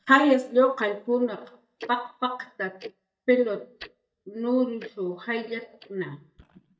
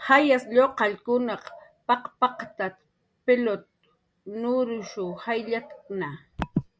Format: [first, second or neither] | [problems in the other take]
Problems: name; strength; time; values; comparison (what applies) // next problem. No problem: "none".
second | noise reduction (neural mask model DeepFilterNet 3)